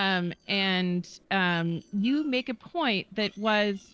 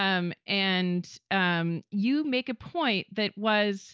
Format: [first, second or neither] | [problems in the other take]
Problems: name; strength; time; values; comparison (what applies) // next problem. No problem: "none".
second | noise reduction (neural separator model SepFormer DNS4)